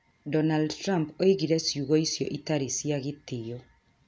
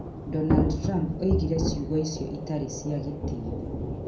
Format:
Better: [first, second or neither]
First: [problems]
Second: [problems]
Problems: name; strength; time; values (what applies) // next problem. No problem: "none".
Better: first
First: none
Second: background sound (Thunder / Rain); as loud as the speech // room echo; dies away in 0.6 s